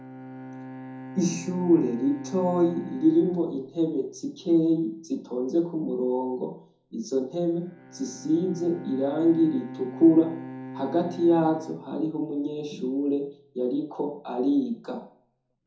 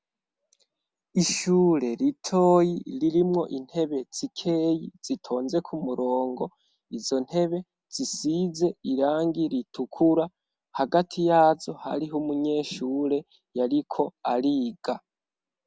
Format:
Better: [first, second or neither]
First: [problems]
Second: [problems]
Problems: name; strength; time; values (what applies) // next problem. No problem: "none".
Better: second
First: background sound (Bowed string instrument); 17 dB below the speech // room echo; dies away in 0.5 s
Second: none